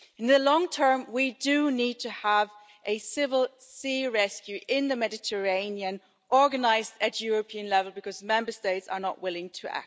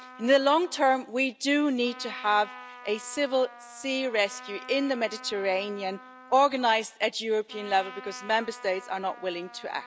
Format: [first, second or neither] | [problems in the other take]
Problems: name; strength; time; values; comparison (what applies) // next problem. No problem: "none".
first | background sound (Trumpet); 19 dB below the speech